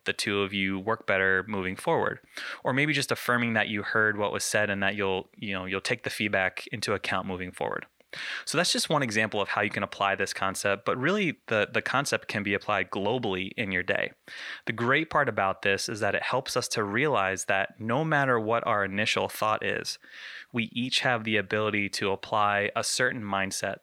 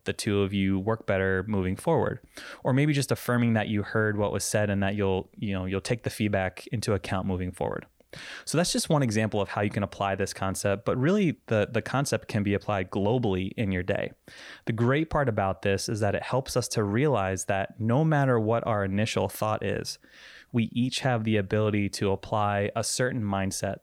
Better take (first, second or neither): second